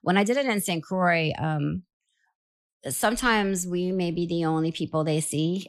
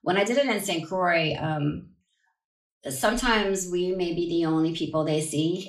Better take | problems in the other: first | room echo; very slight; dies away in 0.3 s // off-mic speech; somewhat distant

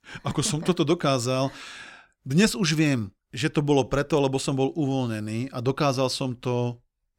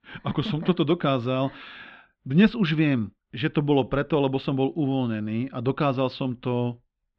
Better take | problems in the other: first | muffled; very; fading above 3.5 kHz

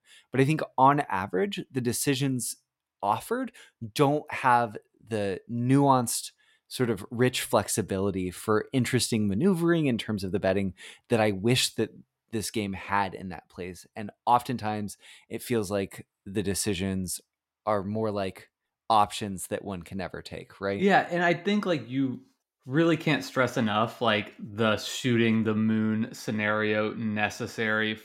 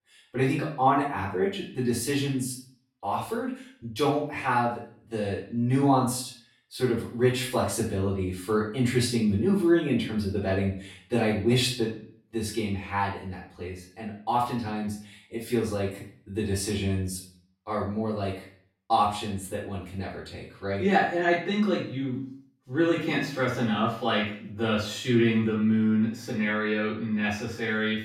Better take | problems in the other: first | off-mic speech; far // room echo; noticeable; dies away in 0.4 s

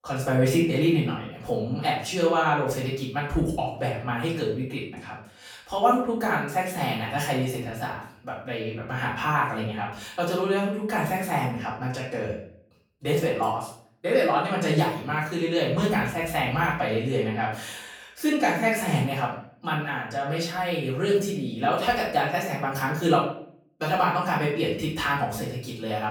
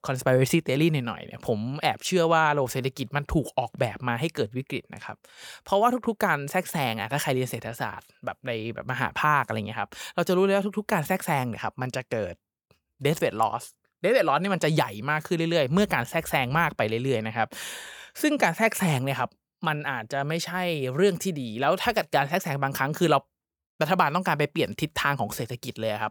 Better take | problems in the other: second | room echo; noticeable; dies away in 0.5 s // off-mic speech; far

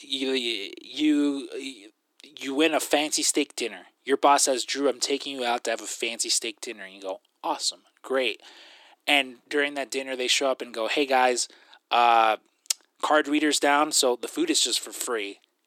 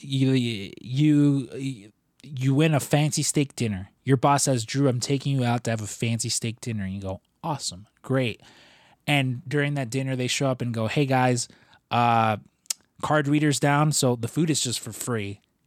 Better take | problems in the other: second | thin; somewhat; fading below 300 Hz

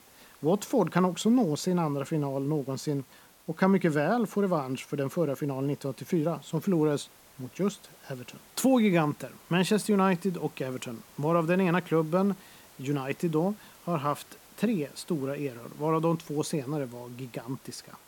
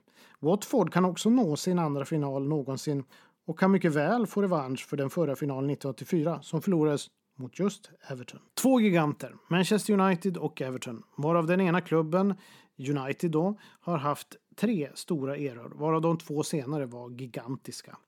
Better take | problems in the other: second | hiss; faint; throughout; 25 dB below the speech

